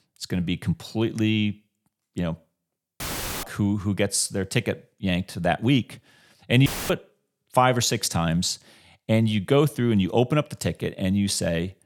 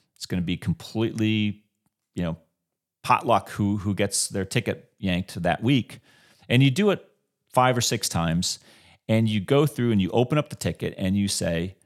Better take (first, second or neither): second